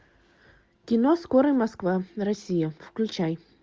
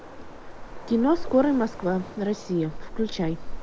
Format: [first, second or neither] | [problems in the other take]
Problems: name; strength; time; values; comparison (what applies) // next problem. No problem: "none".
first | background sound (Waves, surf); 8 dB below the speech